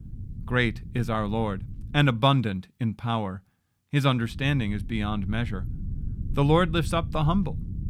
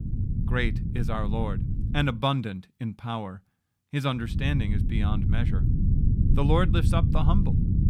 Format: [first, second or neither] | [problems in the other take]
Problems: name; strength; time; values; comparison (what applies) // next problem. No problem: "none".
first | low rumble; loud; until 2 s and from 4.5 s on; 8 dB below the speech; faint in the first